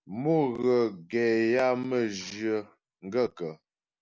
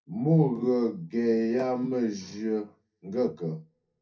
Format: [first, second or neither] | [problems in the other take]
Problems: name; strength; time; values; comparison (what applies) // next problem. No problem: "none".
first | room echo; dies away in 0.3 s